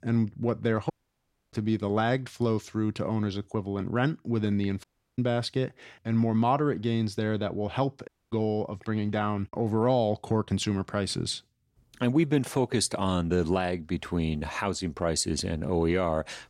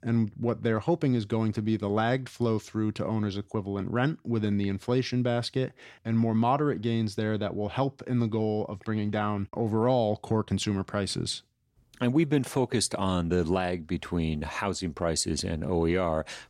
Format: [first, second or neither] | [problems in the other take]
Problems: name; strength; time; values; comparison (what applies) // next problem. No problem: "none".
second | audio cutting out; at 1 s for 0.5 s, at 5 s and at 8 s